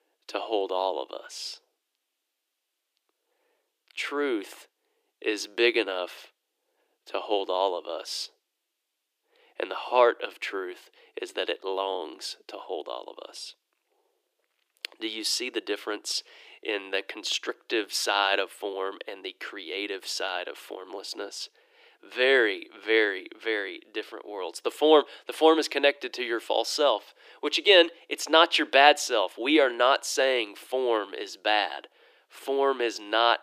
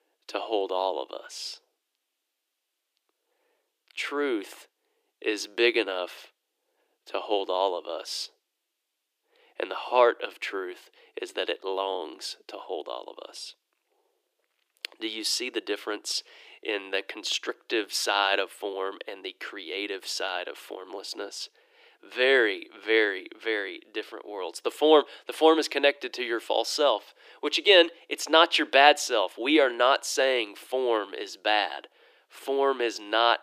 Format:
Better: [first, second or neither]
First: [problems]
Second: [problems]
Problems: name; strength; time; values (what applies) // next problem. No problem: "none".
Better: neither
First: thin; very; fading below 300 Hz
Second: thin; very; fading below 300 Hz